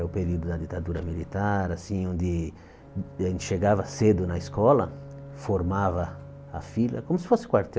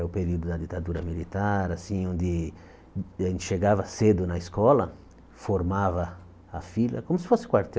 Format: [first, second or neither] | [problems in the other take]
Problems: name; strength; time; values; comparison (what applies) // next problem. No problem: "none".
second | background sound (Bowed string instrument); 17 dB below the speech